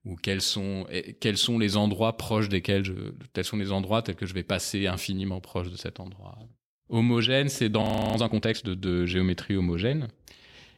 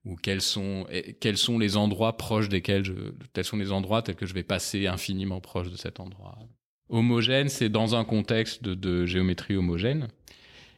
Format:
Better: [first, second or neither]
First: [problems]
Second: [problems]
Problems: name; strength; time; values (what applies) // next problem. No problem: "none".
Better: second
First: audio freezing; at 8 s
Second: none